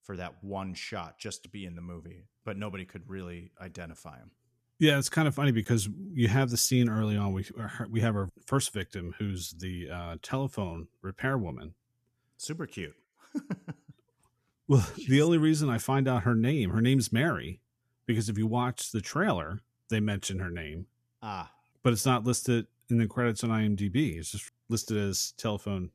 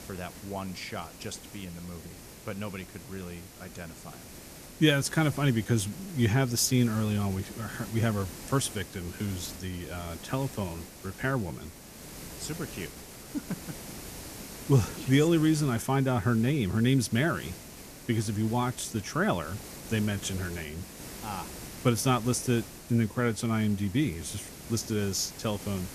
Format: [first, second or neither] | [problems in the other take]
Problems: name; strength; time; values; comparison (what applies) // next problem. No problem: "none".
first | hiss; noticeable; throughout; 15 dB below the speech